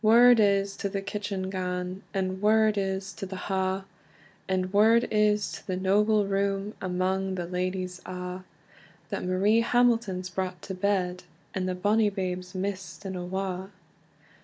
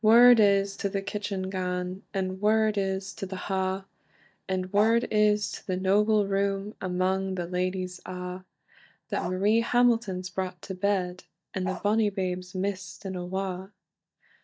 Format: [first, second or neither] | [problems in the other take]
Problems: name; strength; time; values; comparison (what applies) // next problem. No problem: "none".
first | noise reduction (neural mask model DeepFilterNet 3)